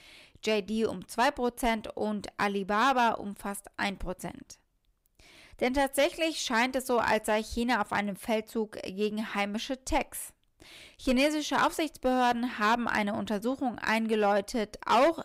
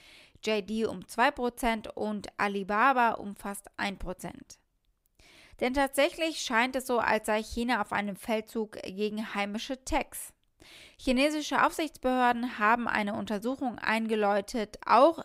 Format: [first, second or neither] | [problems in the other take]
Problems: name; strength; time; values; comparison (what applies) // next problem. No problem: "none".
second | distortion; slight; 2% of the sound clipped